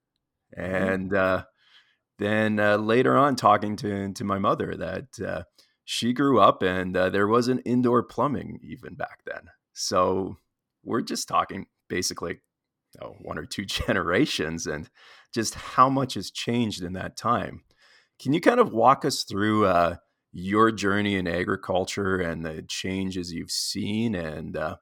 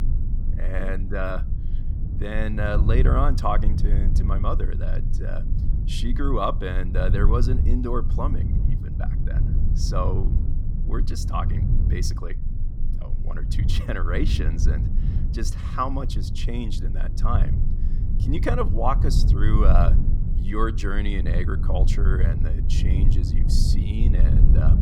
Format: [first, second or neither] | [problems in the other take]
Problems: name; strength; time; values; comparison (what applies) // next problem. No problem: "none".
first | low rumble; loud; throughout; 9 dB below the speech